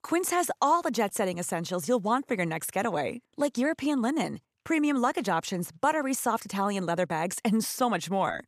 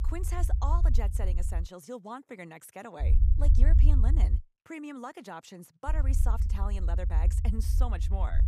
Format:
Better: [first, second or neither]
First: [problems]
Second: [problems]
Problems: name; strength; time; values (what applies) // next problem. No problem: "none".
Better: first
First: none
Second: low rumble; loud; until 1.5 s, from 3 to 4.5 s and from 6 s on; 7 dB below the speech